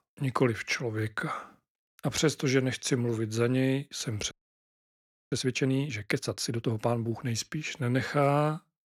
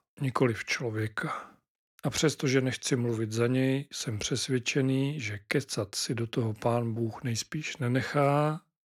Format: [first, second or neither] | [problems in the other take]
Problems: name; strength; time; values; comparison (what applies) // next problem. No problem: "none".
second | audio freezing; at 4.5 s for 1 s